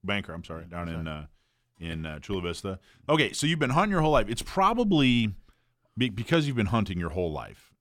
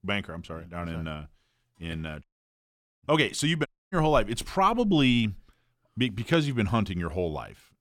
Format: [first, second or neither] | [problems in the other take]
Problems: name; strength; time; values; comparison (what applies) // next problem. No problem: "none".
first | audio cutting out; at 2 s for 1 s and at 3.5 s